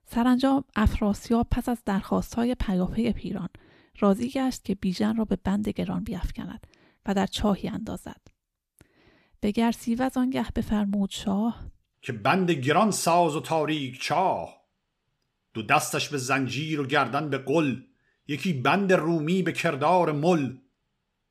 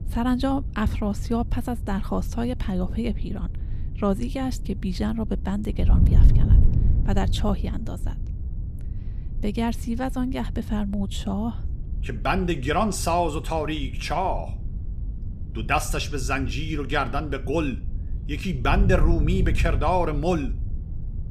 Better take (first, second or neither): first